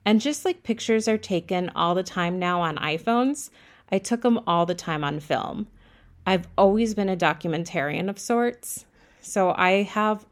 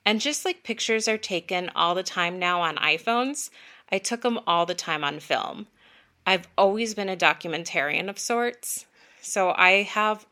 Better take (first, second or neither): first